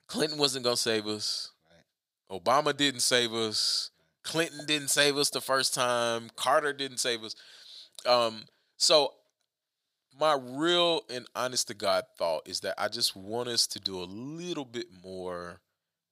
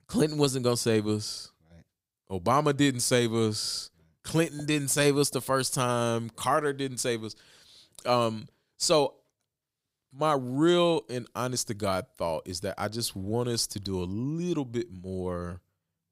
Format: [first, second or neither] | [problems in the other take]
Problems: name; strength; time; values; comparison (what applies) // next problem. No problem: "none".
second | thin; somewhat; fading below 950 Hz